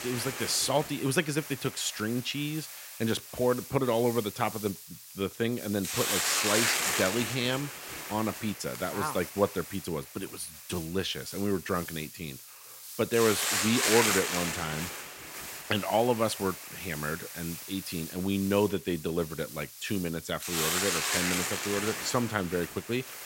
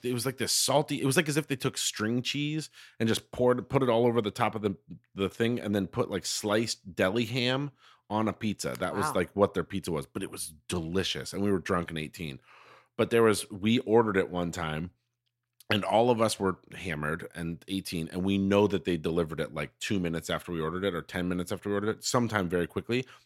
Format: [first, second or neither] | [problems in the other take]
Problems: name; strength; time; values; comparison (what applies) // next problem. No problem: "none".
second | hiss; loud; throughout; 2 dB below the speech